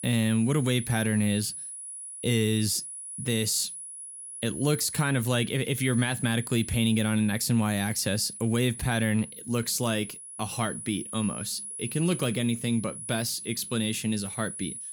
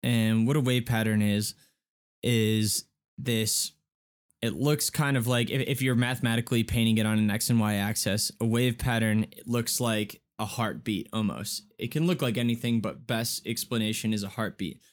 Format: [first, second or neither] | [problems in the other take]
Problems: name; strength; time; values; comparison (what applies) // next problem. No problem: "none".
second | high-pitched whine; loud; throughout; 10.5 kHz, 9 dB below the speech